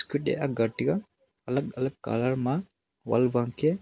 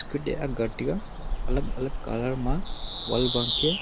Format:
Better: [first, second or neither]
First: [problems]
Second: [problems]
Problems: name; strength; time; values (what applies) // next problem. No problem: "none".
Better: first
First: none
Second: background sound (Bird vocalization, bird call, bird song); as loud as the speech